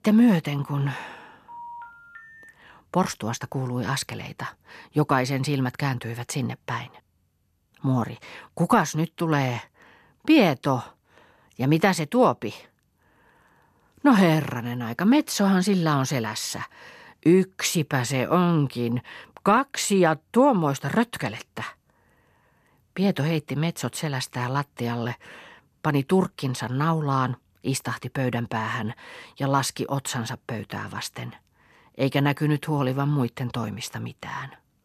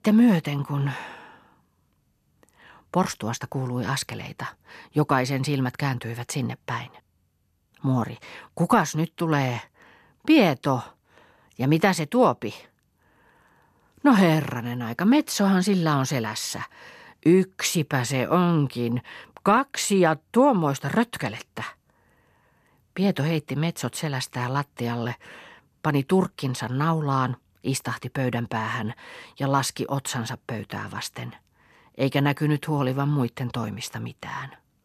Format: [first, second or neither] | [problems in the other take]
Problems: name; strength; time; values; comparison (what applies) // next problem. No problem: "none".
second | phone ringing; faint; from 1.5 to 2.5 s; peak 15 dB below the speech